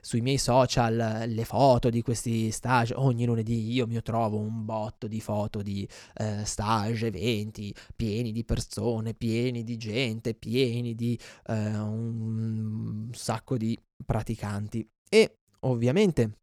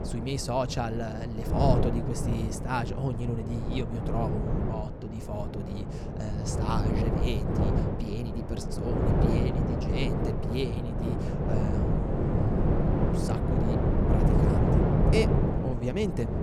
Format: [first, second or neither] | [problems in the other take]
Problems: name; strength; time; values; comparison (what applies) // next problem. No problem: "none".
first | wind noise on the microphone; heavy; 1 dB above the speech